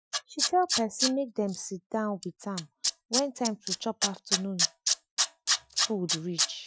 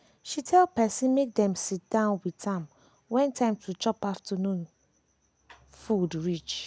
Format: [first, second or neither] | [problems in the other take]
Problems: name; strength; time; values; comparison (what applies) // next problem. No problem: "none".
second | noise reduction (classical method Wiener filter)